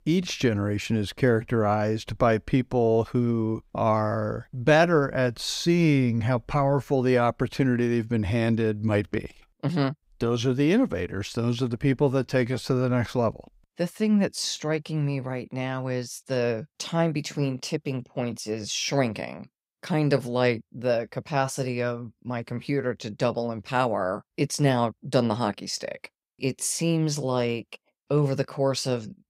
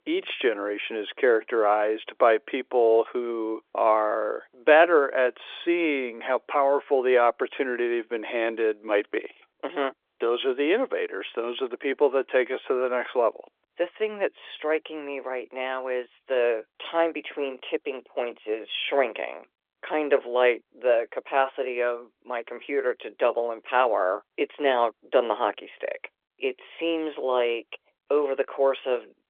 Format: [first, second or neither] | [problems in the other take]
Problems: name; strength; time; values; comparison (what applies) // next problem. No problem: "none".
first | phone-call audio; nothing above 3.5 kHz